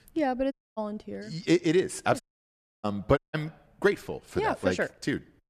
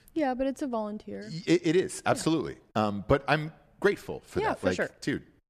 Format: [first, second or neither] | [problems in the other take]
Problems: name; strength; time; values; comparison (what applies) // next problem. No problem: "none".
second | audio cutting out; at 0.5 s, at 2 s for 0.5 s and at 3 s